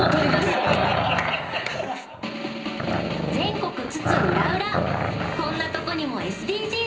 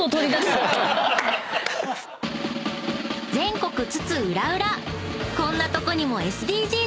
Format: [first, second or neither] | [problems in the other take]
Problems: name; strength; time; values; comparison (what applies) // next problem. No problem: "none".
second | background sound (Growling); 1 dB below the speech // room echo; dies away in 0.5 s